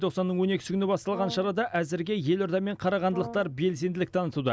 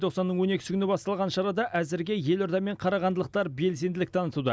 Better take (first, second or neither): second